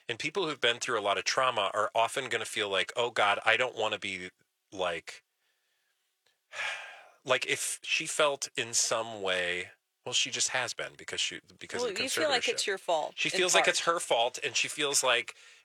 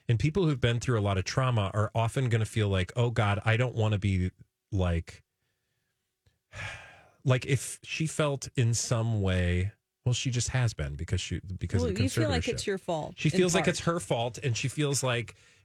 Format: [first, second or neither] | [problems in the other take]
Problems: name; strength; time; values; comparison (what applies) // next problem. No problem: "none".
second | thin; very; fading below 650 Hz